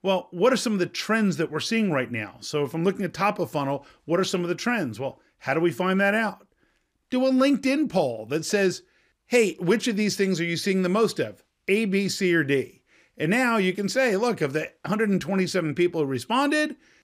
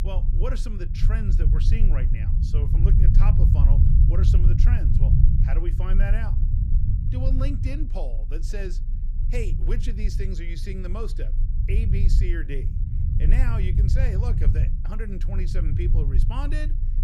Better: first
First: none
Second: low rumble; loud; throughout; 2 dB below the speech

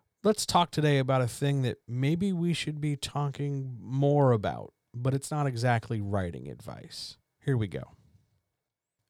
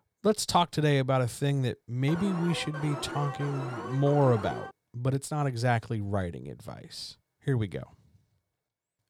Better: first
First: none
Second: alarm; noticeable; from 2 to 4.5 s; peak 9 dB below the speech

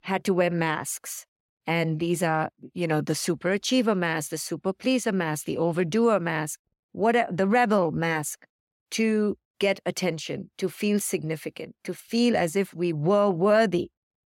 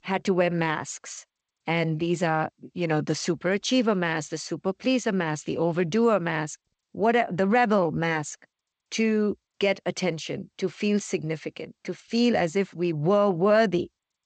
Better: first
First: none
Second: garbled, watery; slightly; nothing above 8 kHz

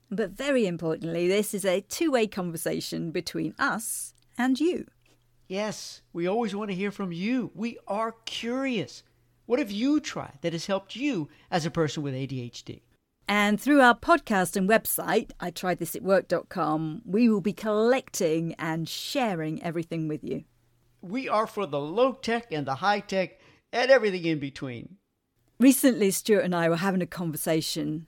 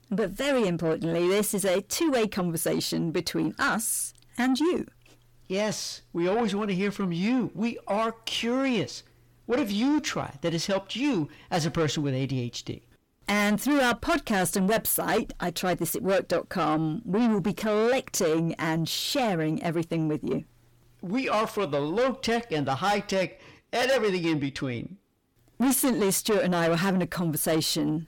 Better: first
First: none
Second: distortion; heavy; 6 dB below the speech

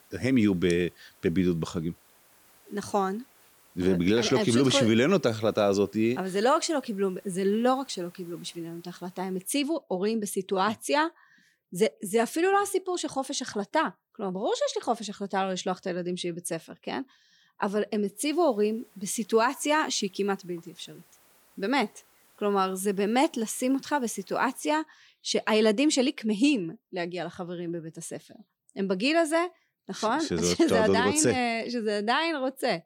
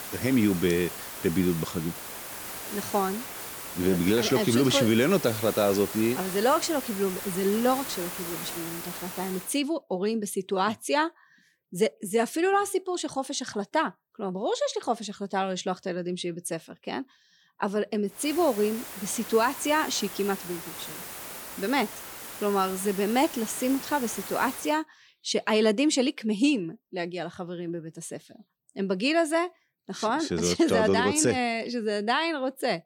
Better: first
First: hiss; faint; until 9.5 s and from 18 to 25 s; 30 dB below the speech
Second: hiss; loud; until 9.5 s and from 18 to 25 s; 9 dB below the speech

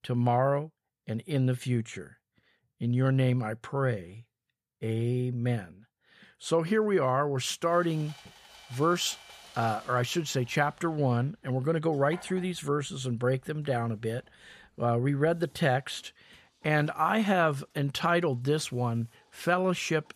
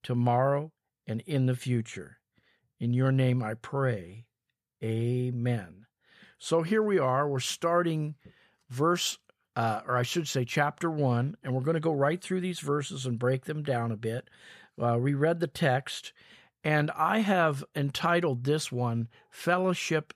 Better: second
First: machinery noise; faint; from 7.5 s on; 25 dB below the speech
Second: none

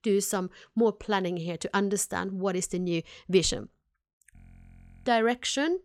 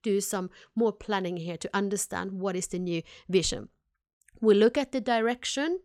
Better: second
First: audio freezing; at 4.5 s for 0.5 s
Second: none

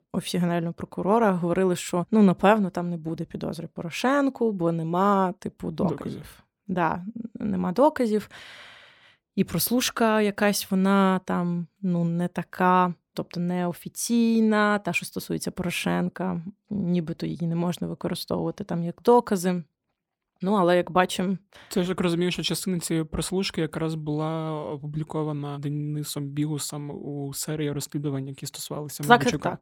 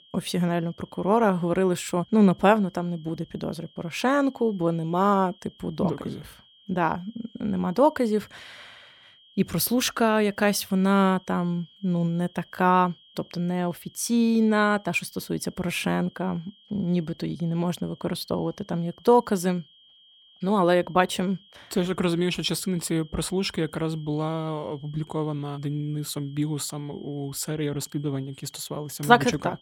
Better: first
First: none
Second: high-pitched whine; faint; throughout; 3 kHz, 30 dB below the speech

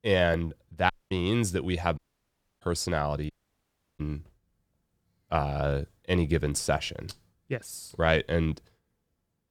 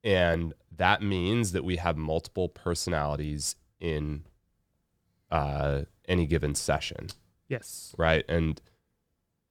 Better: second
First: audio cutting out; at 1 s, at 2 s for 0.5 s and at 3.5 s for 0.5 s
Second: none

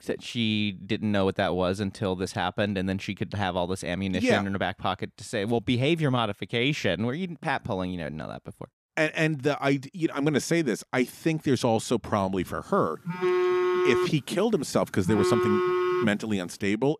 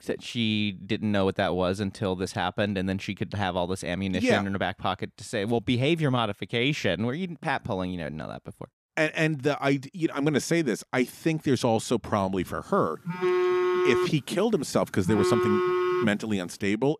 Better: neither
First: phone ringing; loud; from 13 to 16 s; peak 3 dB above the speech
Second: phone ringing; loud; from 13 to 16 s; peak 3 dB above the speech

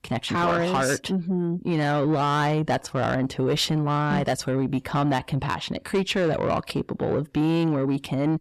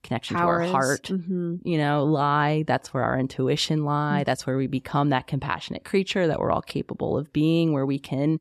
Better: second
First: distortion; slight; 10 dB below the speech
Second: none

